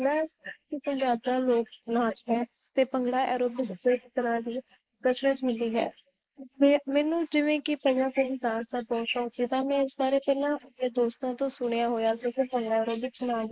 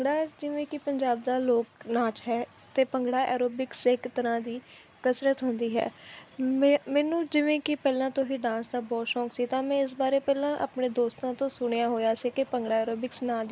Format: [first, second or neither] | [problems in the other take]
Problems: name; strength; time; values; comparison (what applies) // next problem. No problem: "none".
second | noise reduction (neural mask model Resemble Enhance denoiser)